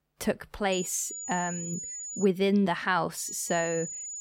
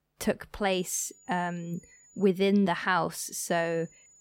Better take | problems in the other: second | high-pitched whine; loud; from 0.5 to 2.5 s and from 3 s on; 7 kHz, 7 dB below the speech; faint in the second

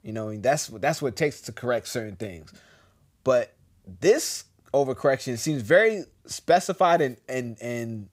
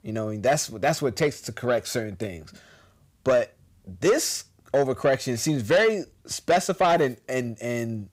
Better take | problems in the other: first | distortion; slight; 10 dB below the speech

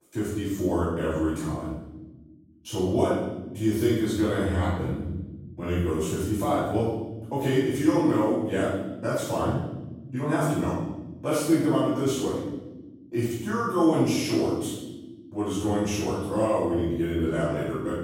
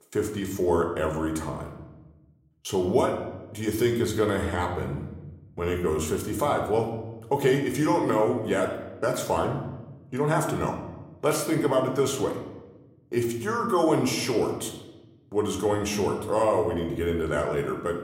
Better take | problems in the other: second | room echo; strong; dies away in 1.3 s; slight in the second // off-mic speech; far

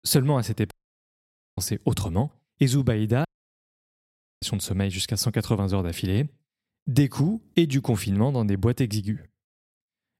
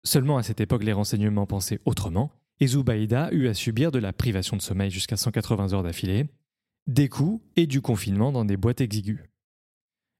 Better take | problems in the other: second | audio cutting out; at 0.5 s for 1 s and at 3.5 s for 1 s

